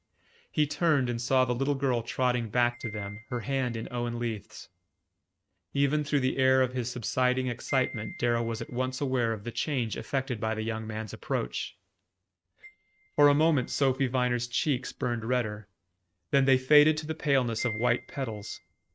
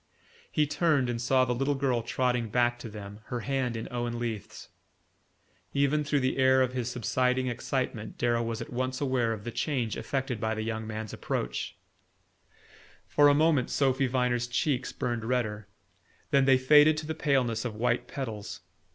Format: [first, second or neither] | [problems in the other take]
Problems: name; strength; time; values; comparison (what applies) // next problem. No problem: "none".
second | noise reduction (neural mask model RNNoise)